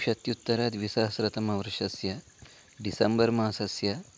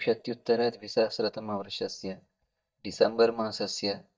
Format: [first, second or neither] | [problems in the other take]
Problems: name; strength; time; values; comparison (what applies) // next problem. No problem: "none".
first | noise reduction (neural mask model DeepFilterNet 3)